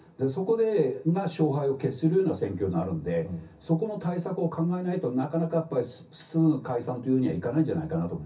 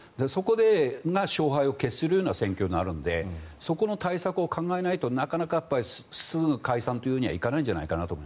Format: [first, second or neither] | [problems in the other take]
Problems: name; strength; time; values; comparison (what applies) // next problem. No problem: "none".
second | room echo; dies away in 0.3 s